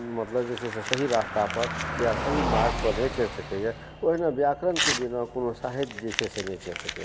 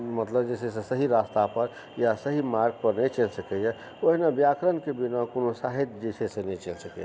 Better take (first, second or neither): second